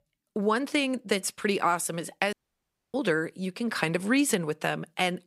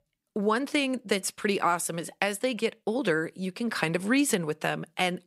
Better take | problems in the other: second | audio cutting out; at 2.5 s for 0.5 s

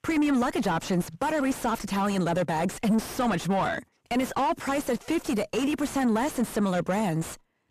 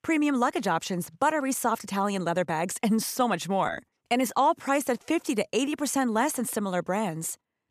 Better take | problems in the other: second | distortion; heavy; 5 dB below the speech

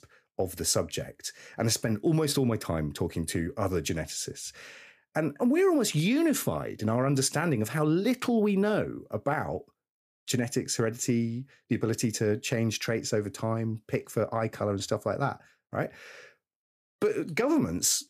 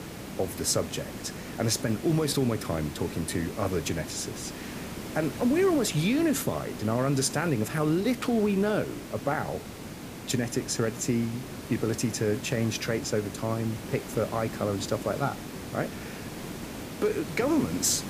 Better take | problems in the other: first | hiss; noticeable; throughout; 10 dB below the speech

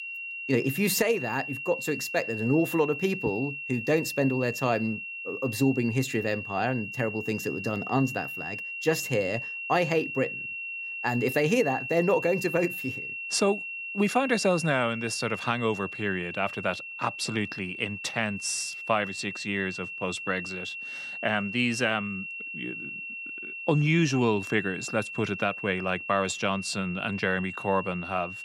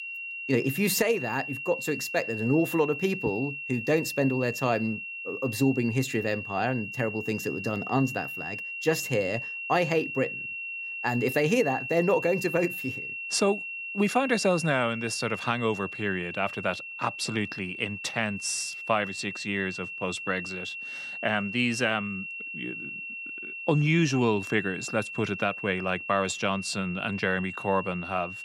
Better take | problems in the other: neither | high-pitched whine; loud; throughout; 2.5 kHz, 7 dB below the speech; the same in both

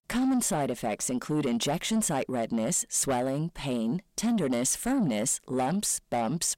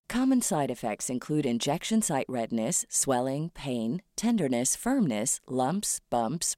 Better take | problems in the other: second | distortion; slight; 10 dB below the speech

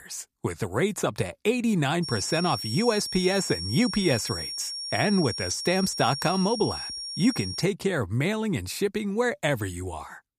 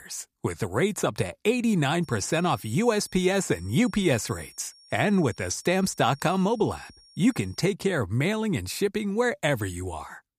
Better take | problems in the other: second | high-pitched whine; loud; from 2 to 7.5 s; 5.5 kHz, 5 dB below the speech; faint in the second

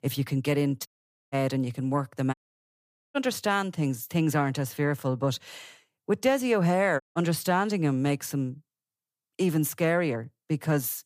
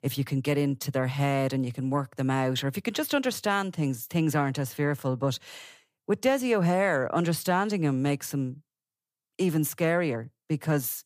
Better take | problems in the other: second | audio cutting out; at 1 s, at 2.5 s for 1 s and at 7 s

